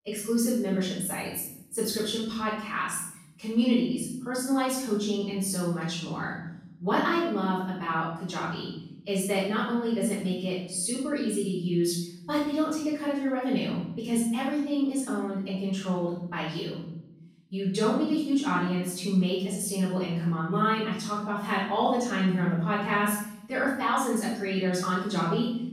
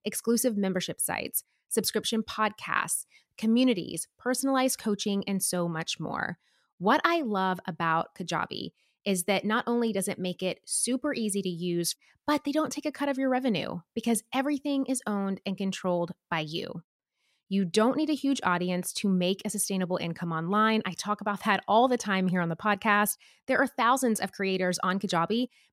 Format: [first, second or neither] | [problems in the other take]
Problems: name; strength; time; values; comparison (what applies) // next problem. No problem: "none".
second | off-mic speech; far // room echo; strong; dies away in 0.8 s